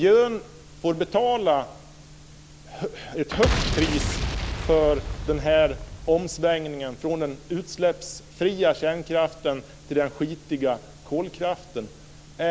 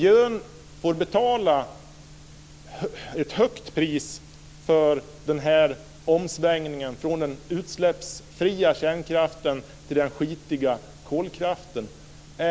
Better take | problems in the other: second | background sound (Boom); 3 dB below the speech

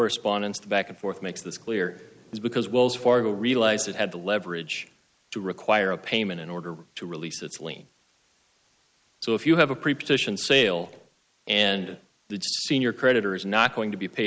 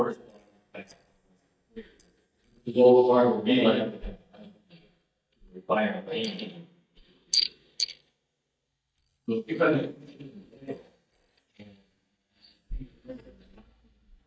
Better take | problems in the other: first | noise reduction (neural mask model DeepFilterNet 3)

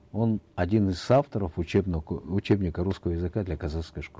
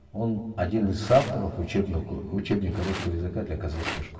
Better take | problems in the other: first | background sound (Rattle); 14 dB below the speech // room echo; dies away in 2.3 s

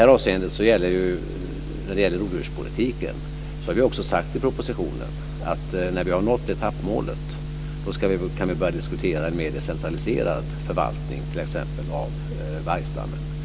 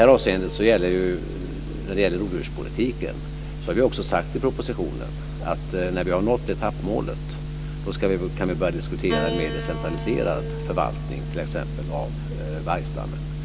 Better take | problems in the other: first | background sound (Piano); 15 dB below the speech

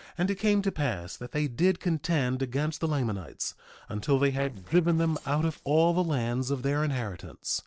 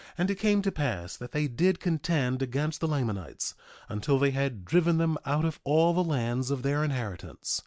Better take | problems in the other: second | noise reduction (neural separator model SepFormer DNS4)

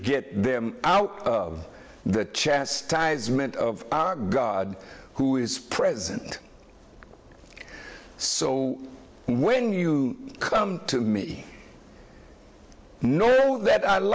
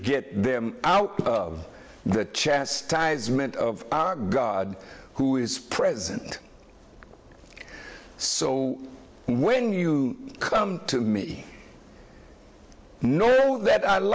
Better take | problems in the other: first | background sound (Walk, footsteps); 13 dB below the speech

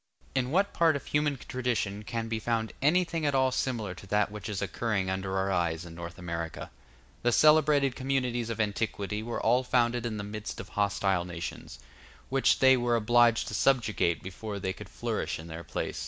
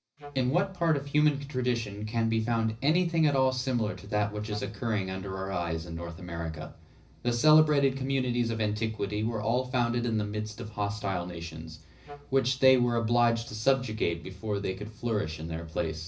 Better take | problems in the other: first | background sound (Wind instrument, woodwind instrument); 19 dB below the speech // room echo; dies away in 0.4 s

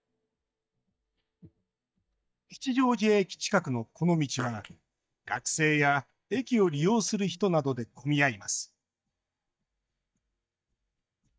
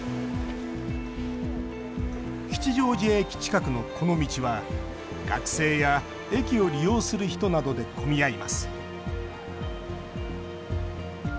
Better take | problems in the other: second | noise reduction (neural mask model DeepFilterNet 3)

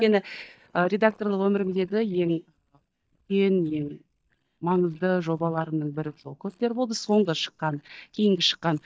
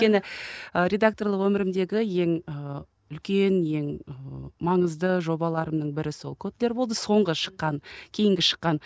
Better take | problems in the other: second | noise reduction (neural mask model DeepFilterNet 3)

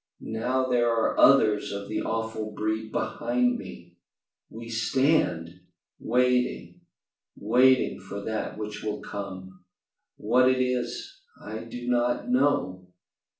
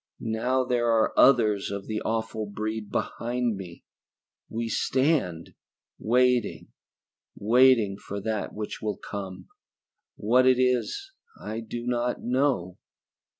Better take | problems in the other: second | room echo; dies away in 0.4 s

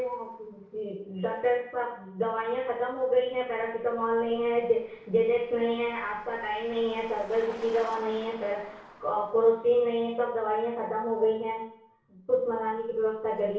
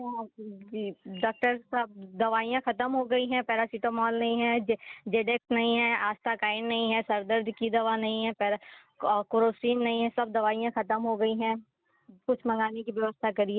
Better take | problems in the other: second | noise reduction (neural separator model SepFormer DNS4)

